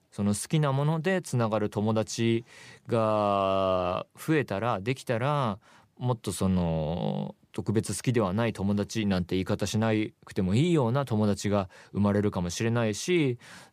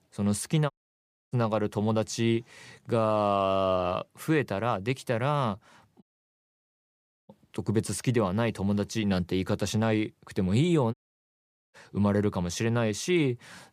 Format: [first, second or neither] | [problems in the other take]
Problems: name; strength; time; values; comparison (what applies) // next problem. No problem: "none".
first | audio cutting out; at 0.5 s for 0.5 s, at 6 s for 1.5 s and at 11 s for 1 s